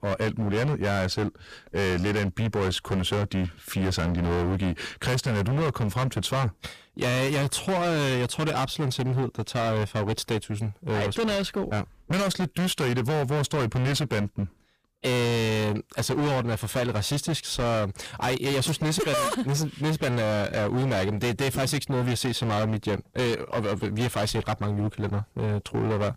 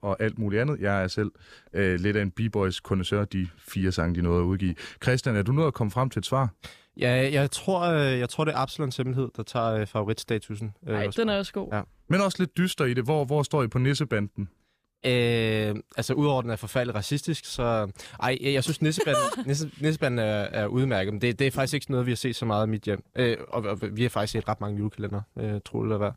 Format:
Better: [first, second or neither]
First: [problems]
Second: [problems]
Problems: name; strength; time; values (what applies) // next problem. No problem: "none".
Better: second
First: distortion; heavy; 29% of the sound clipped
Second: none